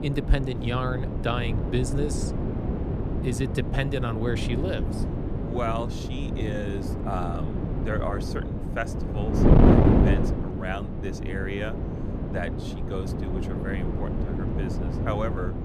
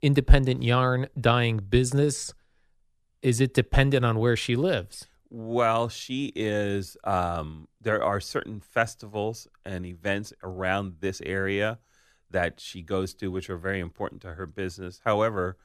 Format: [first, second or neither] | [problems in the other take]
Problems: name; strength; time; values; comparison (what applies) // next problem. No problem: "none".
second | wind noise on the microphone; heavy; as loud as the speech